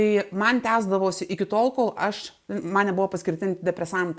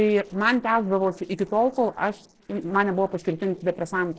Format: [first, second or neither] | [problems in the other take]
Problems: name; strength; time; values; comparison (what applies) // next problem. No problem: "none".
first | noise reduction (neural separator model SepFormer DNS4)